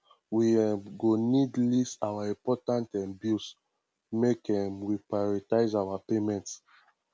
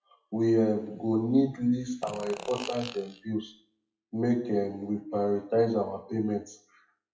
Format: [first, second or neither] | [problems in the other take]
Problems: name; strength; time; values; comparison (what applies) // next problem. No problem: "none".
first | noise reduction (classical method WPE with log-MMSE)